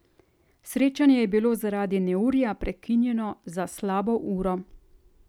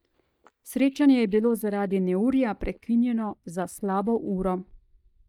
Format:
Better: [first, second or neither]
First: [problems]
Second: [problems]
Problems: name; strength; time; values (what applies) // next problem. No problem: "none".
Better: first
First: none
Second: noise reduction (neural mask model DeepFilterNet 3)